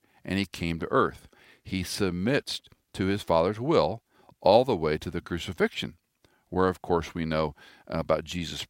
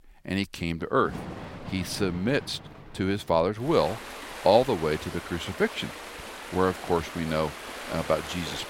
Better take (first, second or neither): first